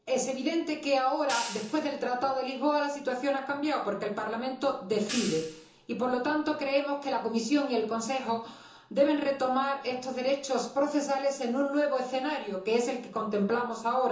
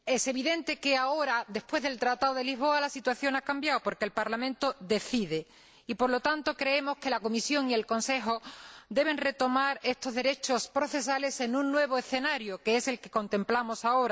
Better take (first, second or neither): second